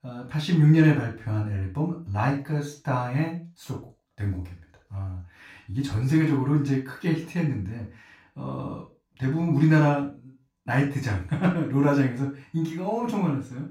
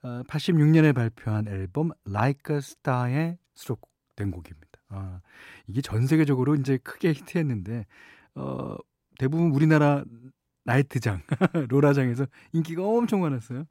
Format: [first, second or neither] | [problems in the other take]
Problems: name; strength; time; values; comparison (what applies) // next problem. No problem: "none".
second | room echo; noticeable; dies away in 0.3 s // off-mic speech; far